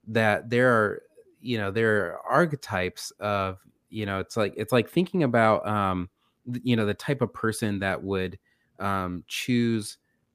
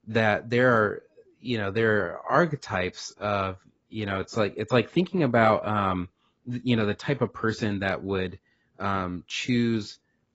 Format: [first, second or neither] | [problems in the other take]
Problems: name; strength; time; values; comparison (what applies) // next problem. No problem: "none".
first | garbled, watery; badly; nothing above 7.5 kHz